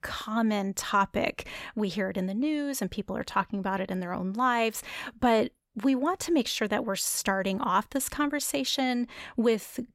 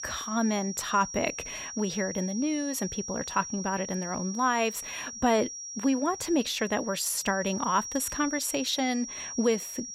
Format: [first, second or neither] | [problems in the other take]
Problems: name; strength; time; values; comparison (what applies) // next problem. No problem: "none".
first | high-pitched whine; loud; throughout; 5.5 kHz, 8 dB below the speech